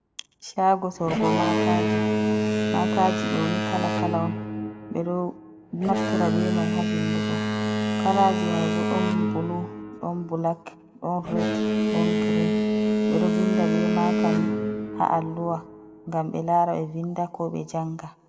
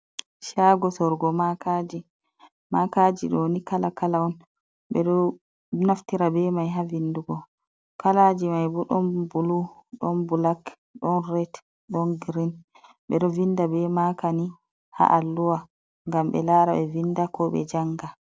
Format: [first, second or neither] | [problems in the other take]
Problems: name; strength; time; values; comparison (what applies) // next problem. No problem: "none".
second | background sound (Boat, Water vehicle); 2 dB above the speech // room echo; dies away in 1.8 s